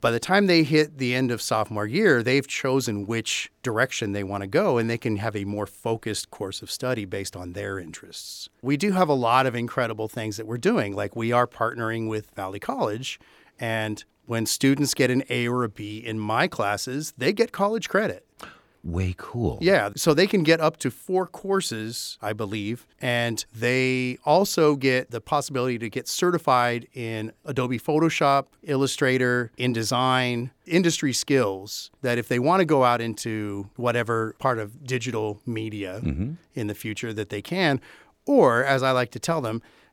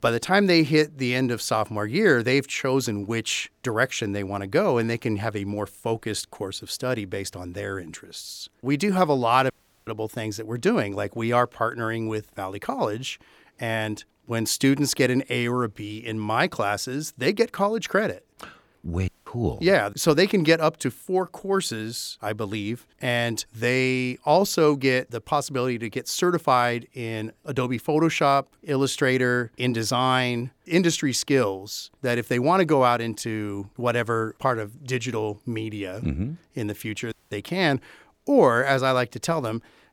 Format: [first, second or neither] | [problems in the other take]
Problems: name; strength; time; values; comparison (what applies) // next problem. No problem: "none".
first | audio cutting out; at 9.5 s, at 19 s and at 37 s